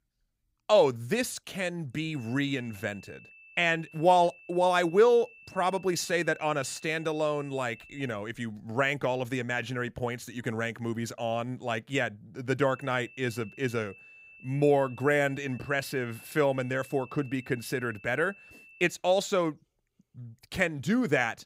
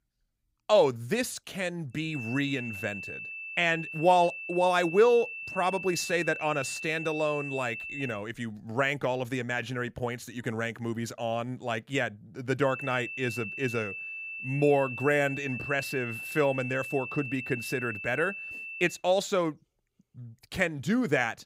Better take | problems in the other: first | high-pitched whine; loud; from 2 to 8 s and from 13 to 19 s; 2.5 kHz, 8 dB below the speech; faint in the first

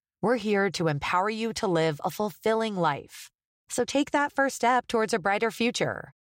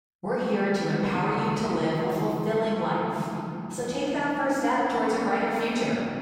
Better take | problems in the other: first | room echo; strong; dies away in 3 s // off-mic speech; far

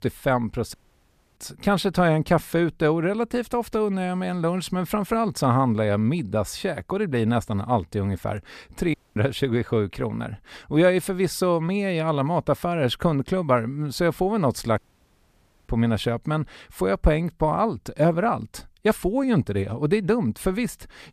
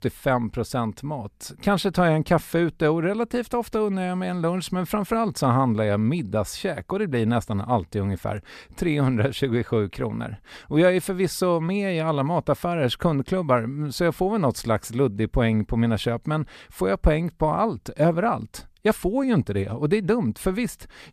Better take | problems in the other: second | audio cutting out; at 0.5 s for 0.5 s, at 9 s and at 15 s for 1 s

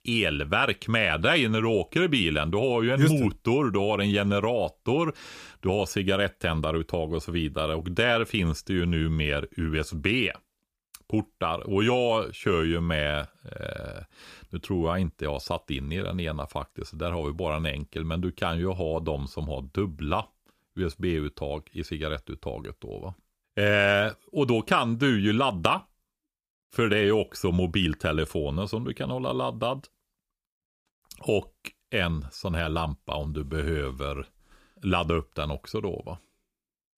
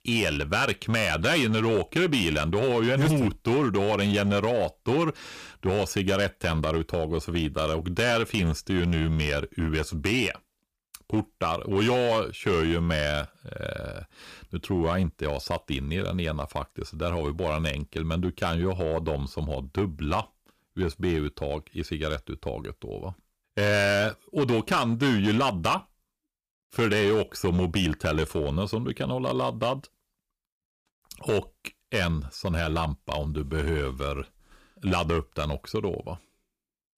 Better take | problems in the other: first | distortion; slight; 6% of the sound clipped

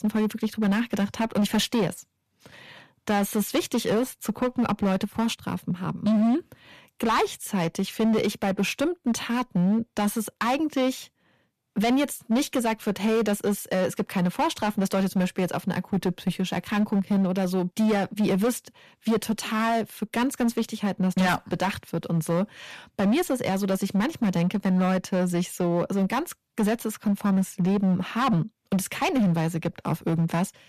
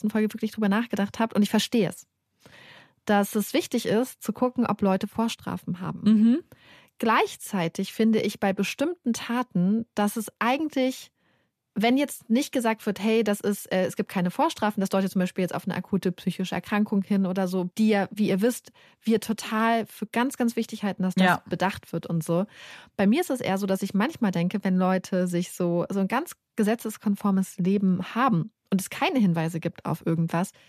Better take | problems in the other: second | distortion; slight; 11% of the sound clipped

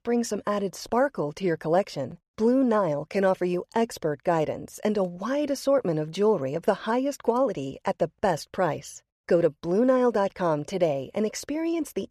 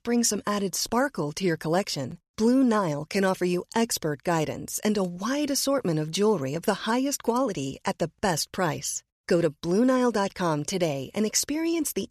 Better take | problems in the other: second | muffled; slightly; fading above 3.5 kHz

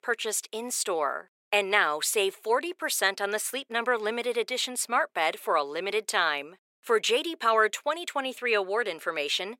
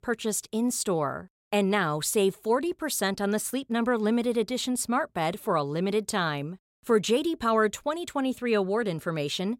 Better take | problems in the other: second | thin; very; fading below 400 Hz

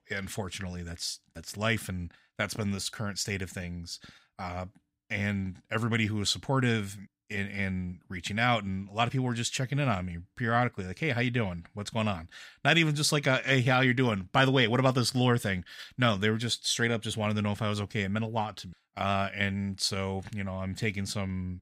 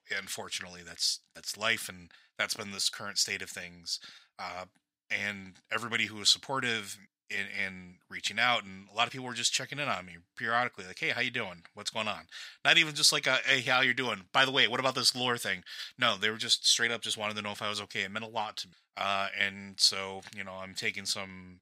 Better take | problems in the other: first | thin; somewhat; fading below 1 kHz

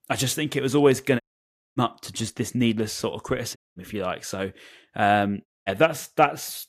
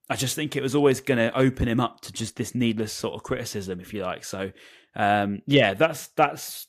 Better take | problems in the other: second | audio cutting out; at 1 s for 0.5 s, at 3.5 s and at 5.5 s

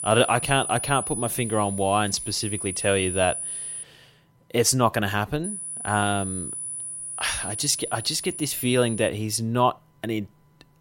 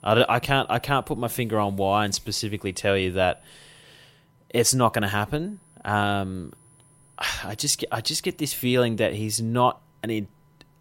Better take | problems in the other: second | high-pitched whine; loud; until 4 s and from 5.5 to 9 s; 10 kHz, 6 dB below the speech; faint in the second

